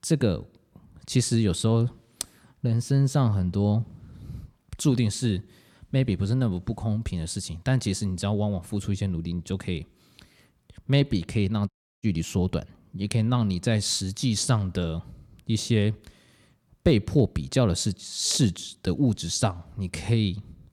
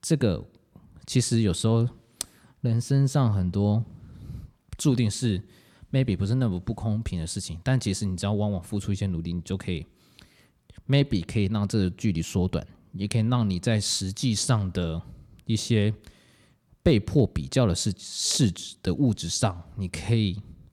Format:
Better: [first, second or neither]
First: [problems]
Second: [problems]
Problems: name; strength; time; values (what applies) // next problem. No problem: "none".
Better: second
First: audio cutting out; at 12 s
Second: none